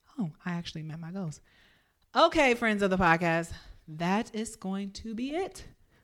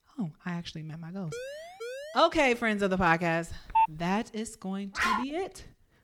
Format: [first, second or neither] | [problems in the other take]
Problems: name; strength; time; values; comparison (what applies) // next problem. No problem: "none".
first | siren; faint; at 1.5 s; peak 10 dB below the speech // phone ringing; loud; at 3.5 s; peak 3 dB above the speech // dog barking; loud; at 5 s; peak 1 dB above the speech